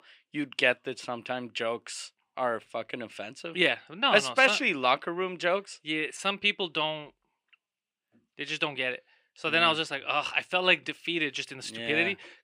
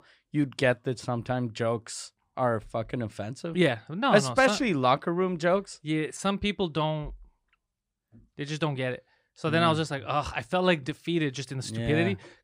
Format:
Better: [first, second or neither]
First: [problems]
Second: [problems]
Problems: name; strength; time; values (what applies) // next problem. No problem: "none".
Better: second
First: thin; somewhat; fading below 300 Hz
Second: none